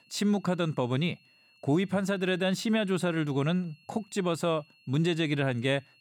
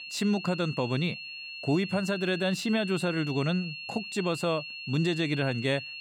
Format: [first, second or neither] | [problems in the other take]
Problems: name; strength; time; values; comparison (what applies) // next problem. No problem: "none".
first | high-pitched whine; loud; throughout; 2.5 kHz, 8 dB below the speech; faint in the first